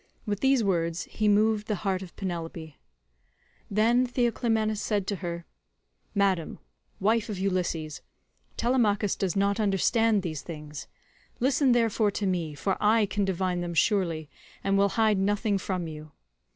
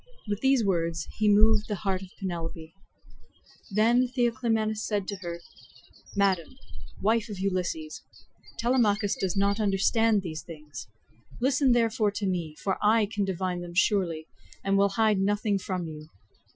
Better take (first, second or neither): first